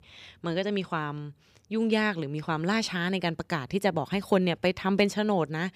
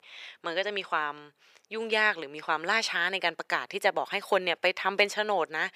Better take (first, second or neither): first